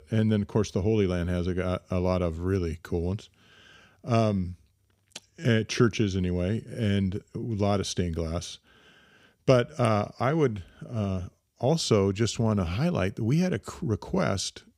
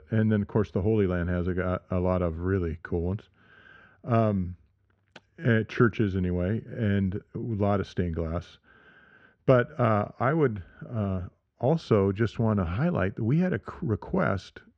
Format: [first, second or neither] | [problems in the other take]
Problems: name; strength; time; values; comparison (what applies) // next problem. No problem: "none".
first | muffled; very; fading above 2 kHz